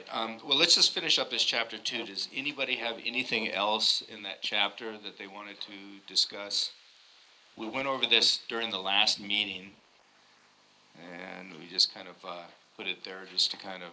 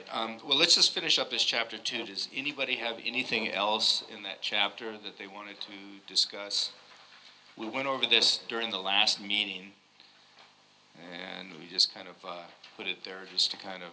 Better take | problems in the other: second | noise reduction (neural mask model Resemble Enhance denoiser)

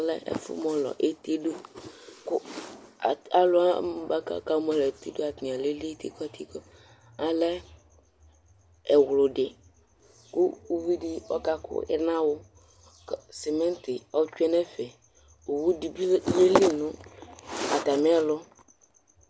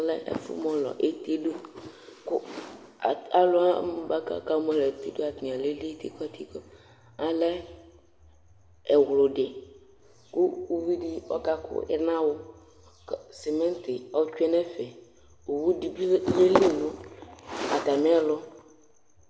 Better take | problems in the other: first | room echo; dies away in 1.2 s

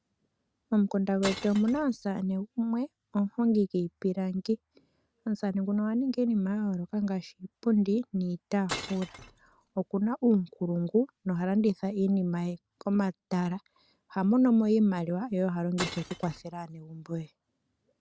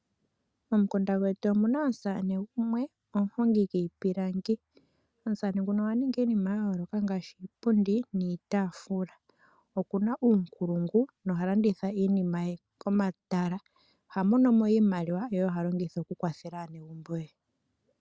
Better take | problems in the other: second | background sound (Glass); 11 dB below the speech

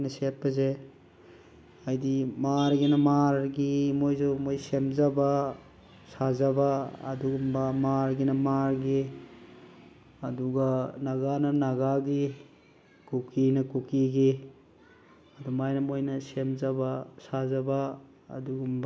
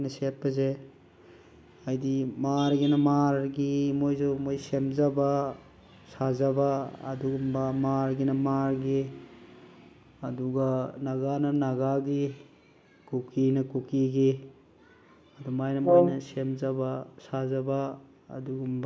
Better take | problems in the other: first | background sound (Brass instrument); 3 dB above the speech

